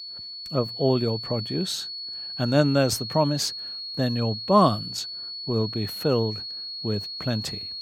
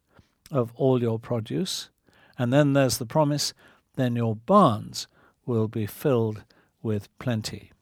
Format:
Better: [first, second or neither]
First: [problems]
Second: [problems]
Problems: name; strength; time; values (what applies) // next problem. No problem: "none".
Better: second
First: high-pitched whine; loud; throughout; 4.5 kHz, 7 dB below the speech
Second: none